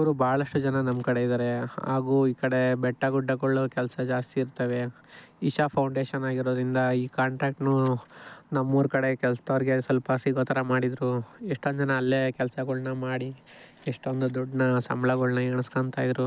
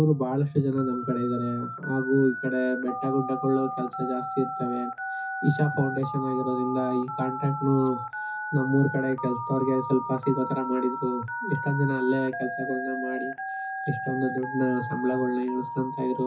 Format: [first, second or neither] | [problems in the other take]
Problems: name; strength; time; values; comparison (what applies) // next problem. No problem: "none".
first | noise reduction (classical method WPE with log-MMSE)